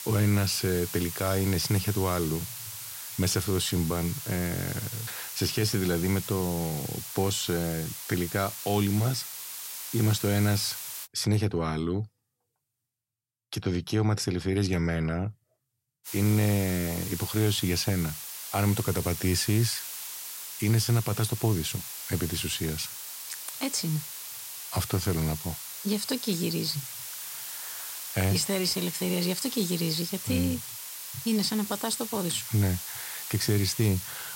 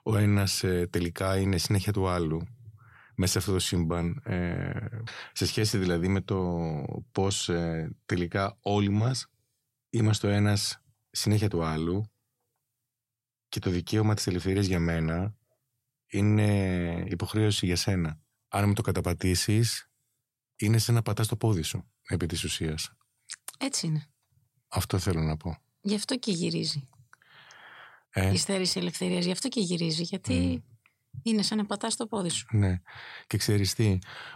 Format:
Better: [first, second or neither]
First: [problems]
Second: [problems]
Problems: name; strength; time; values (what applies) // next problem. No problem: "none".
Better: second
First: hiss; loud; until 11 s and from 16 s on; 7 dB below the speech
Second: none